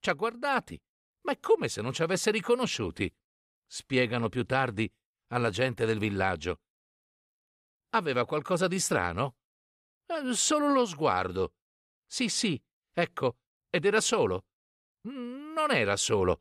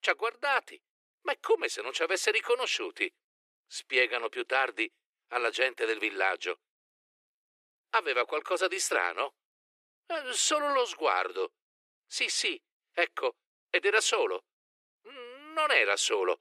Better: first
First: none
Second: thin; very; fading below 350 Hz

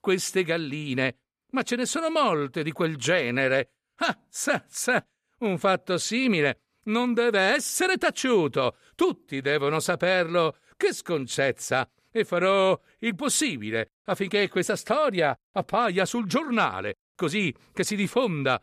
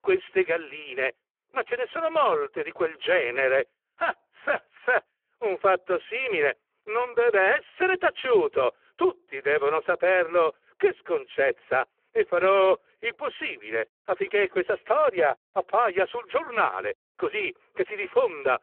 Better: first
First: none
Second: phone-call audio; poor line

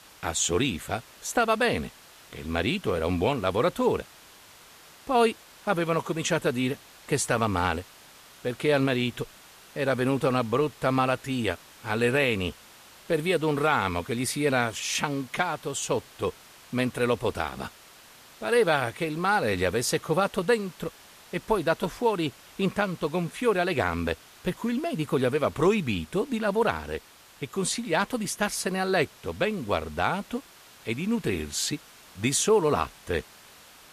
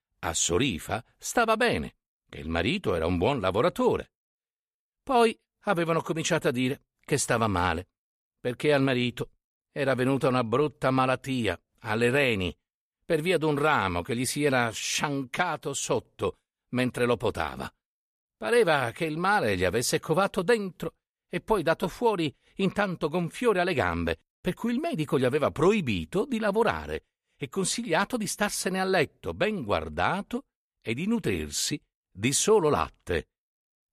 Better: second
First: hiss; faint; throughout; 20 dB below the speech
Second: none

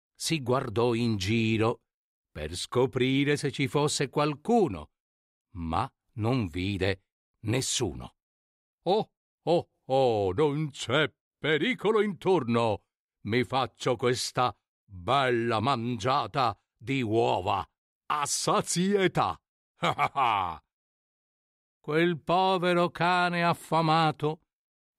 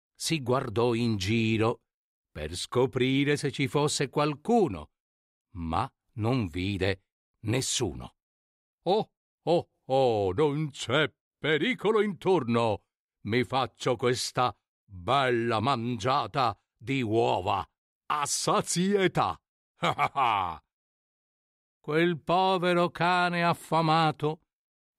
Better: neither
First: none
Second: none

